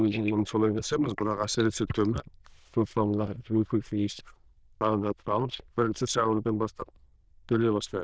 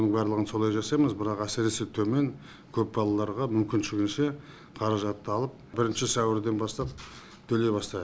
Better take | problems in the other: second | noise reduction (neural diffusion model UNIVERSE++)

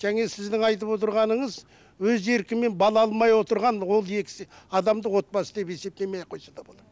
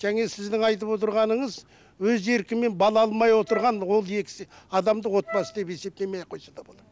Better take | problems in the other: first | background sound (Wind instrument, woodwind instrument); 13 dB below the speech

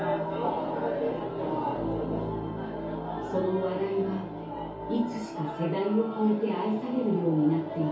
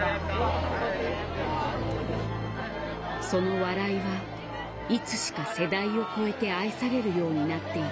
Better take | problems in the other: second | room echo; dies away in 0.6 s

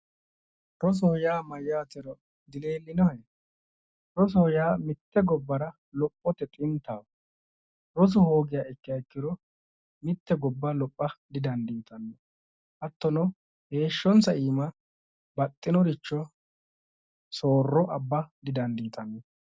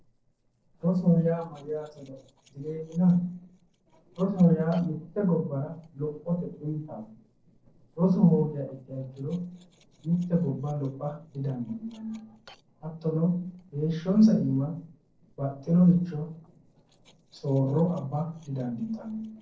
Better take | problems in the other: first | noise reduction (neural separator model SepFormer DNS4)

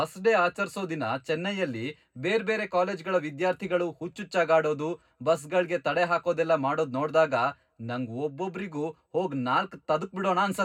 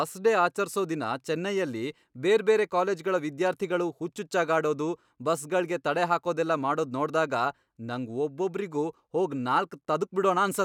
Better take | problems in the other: second | room echo; dies away in 0.3 s

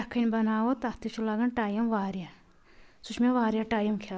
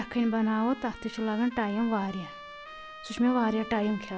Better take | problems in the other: first | background sound (Trumpet); 16 dB below the speech

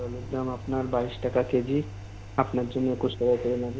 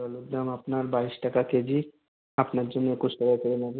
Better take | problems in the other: second | background sound (Engine); 12 dB below the speech

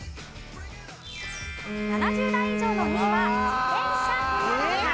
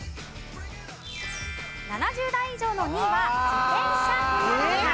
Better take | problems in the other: second | background sound (Bowed string instrument); 2 dB below the speech

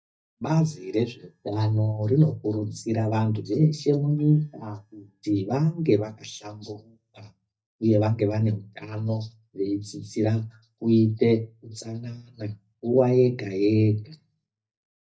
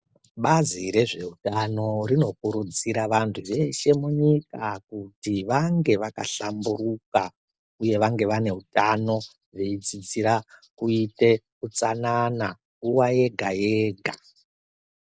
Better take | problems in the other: second | noise reduction (neural mask model DeepFilterNet 3)

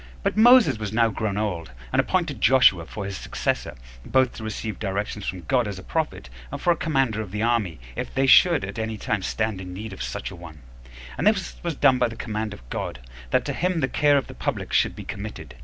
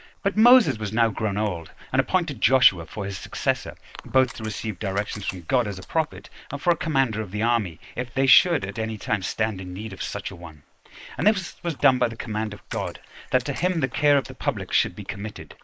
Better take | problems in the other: first | noise reduction (neural mask model Resemble Enhance denoiser)

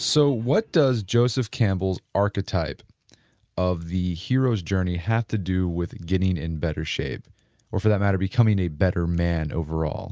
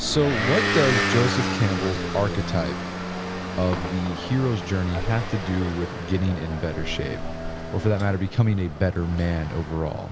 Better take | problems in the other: first | background sound (Motor vehicle (road) / Engine); 4 dB below the speech

